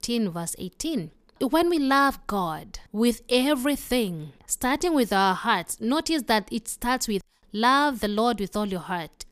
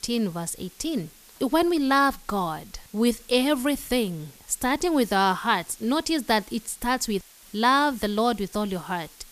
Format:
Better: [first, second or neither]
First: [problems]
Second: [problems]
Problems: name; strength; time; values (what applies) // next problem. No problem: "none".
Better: first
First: none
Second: hiss; faint; throughout; 25 dB below the speech